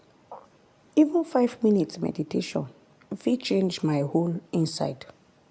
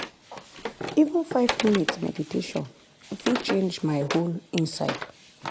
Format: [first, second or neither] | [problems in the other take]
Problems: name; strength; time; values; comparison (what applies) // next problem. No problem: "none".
first | background sound (Wood); 8 dB below the speech